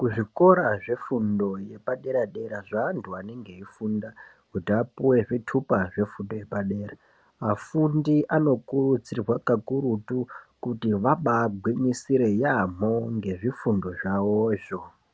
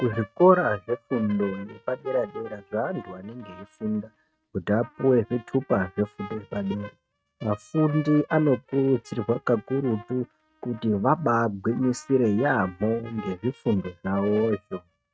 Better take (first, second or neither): first